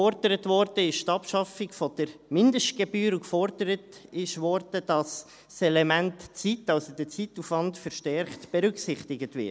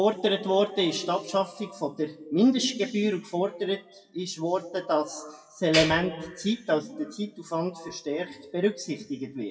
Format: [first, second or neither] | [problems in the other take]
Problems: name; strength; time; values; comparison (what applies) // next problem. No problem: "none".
first | noise reduction (classical method WPE with log-MMSE)